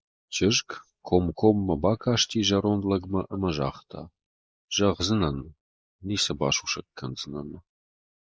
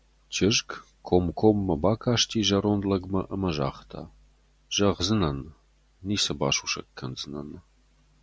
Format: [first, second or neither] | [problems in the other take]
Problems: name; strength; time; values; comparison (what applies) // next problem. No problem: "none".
second | noise reduction (neural mask model Resemble Enhance denoiser)